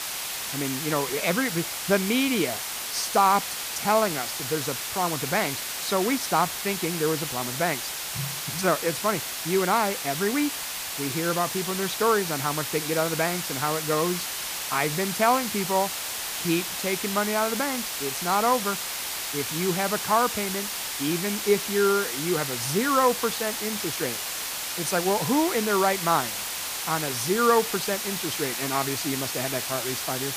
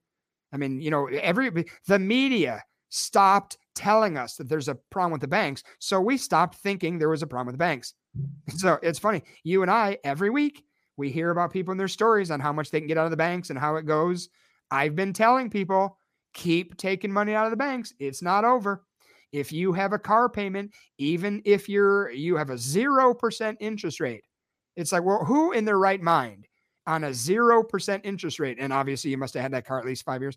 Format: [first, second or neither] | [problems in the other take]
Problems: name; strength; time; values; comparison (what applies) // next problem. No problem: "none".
second | hiss; loud; throughout; 3 dB below the speech